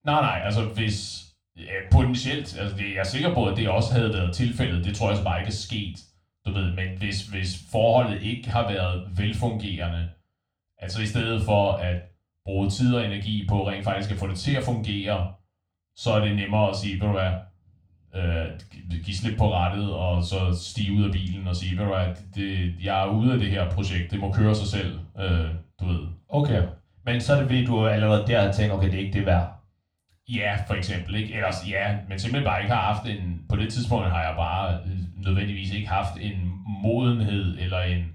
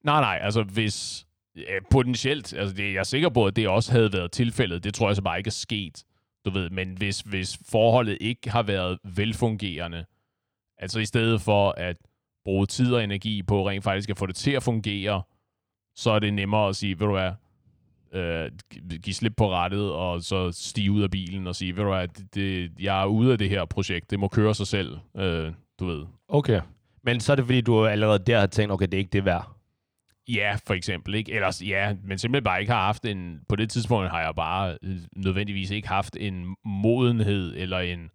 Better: second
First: room echo; slight; dies away in 0.3 s // off-mic speech; far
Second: none

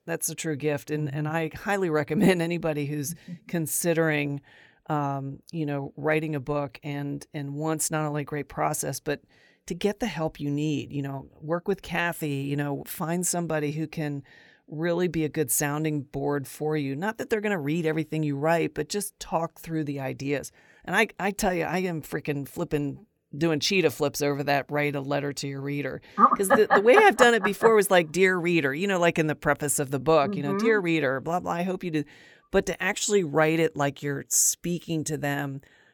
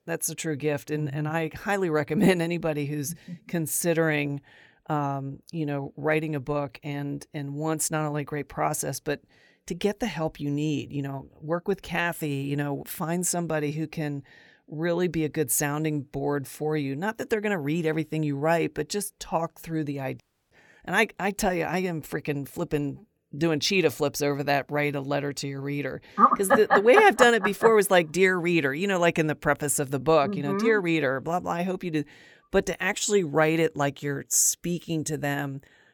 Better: first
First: none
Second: audio cutting out; at 20 s

